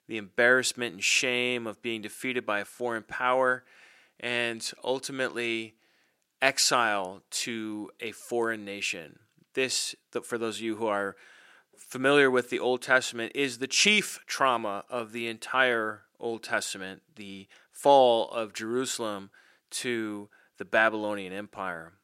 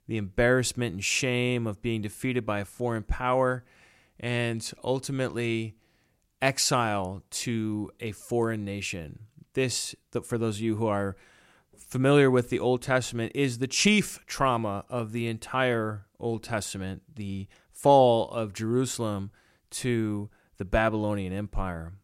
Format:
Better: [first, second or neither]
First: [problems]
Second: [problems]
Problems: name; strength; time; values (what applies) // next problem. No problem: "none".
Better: second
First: thin; somewhat; fading below 300 Hz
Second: none